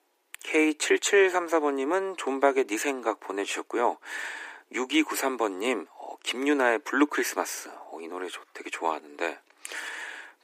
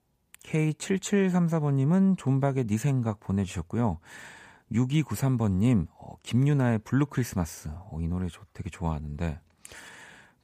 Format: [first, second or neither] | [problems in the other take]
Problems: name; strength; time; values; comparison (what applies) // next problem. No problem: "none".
second | thin; very; fading below 300 Hz